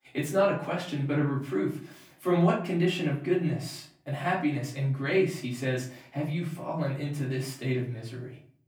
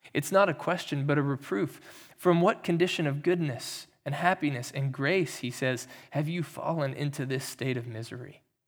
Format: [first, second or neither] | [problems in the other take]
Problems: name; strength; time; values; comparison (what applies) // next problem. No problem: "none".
second | room echo; slight; dies away in 0.4 s // off-mic speech; far